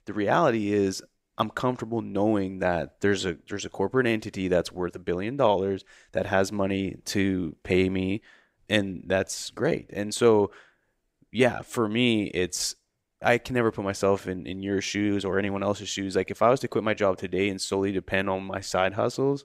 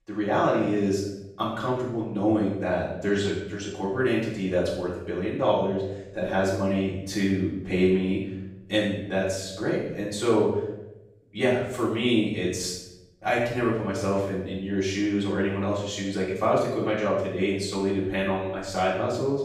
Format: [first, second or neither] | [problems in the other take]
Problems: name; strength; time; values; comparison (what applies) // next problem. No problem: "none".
first | off-mic speech; far // room echo; noticeable; dies away in 0.8 s